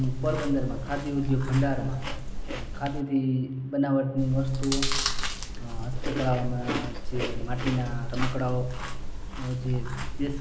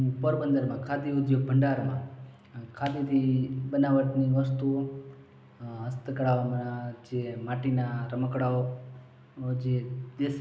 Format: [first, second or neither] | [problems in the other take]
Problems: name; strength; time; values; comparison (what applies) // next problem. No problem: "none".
second | background sound (Chewing, mastication); 1 dB below the speech